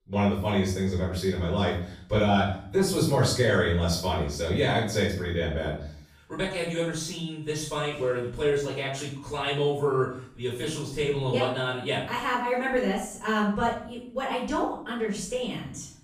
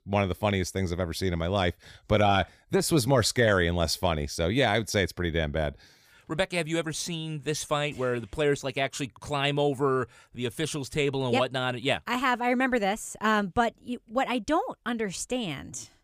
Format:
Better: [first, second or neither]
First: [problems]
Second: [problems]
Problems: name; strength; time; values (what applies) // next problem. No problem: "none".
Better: second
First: off-mic speech; far // room echo; noticeable; dies away in 0.5 s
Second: none